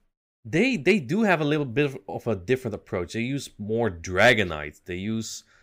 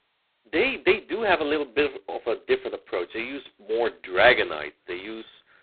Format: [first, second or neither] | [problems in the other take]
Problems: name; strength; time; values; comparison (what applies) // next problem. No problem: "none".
first | phone-call audio; poor line; nothing above 4 kHz